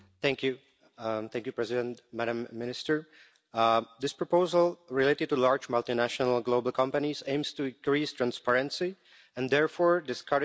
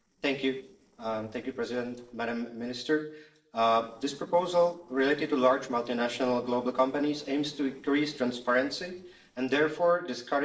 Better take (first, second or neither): first